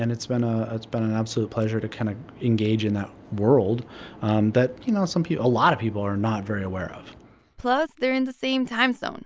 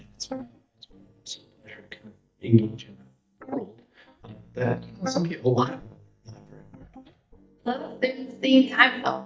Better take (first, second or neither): first